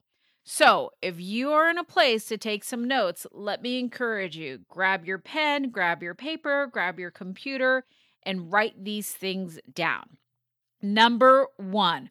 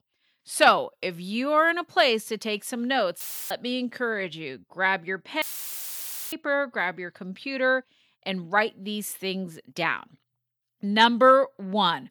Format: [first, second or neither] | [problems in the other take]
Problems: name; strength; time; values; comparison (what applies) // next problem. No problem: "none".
first | audio cutting out; filled with static; at 3 s and at 5.5 s for 1 s